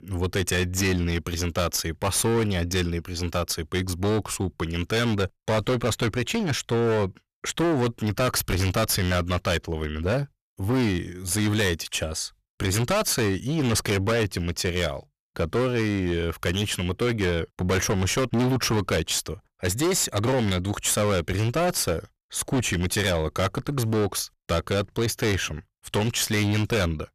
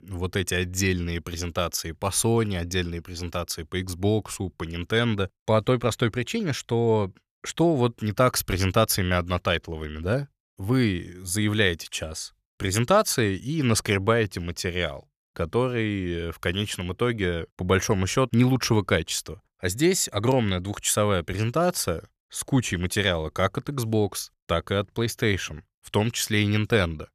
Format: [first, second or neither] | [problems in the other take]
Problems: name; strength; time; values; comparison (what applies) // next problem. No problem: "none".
second | distortion; heavy; 20% of the sound clipped